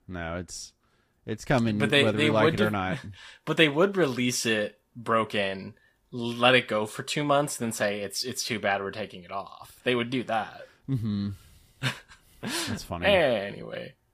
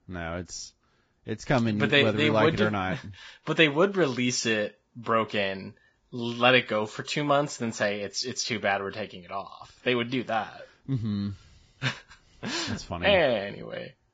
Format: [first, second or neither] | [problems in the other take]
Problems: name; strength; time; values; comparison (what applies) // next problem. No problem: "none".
first | garbled, watery; badly; nothing above 7.5 kHz; slightly in the first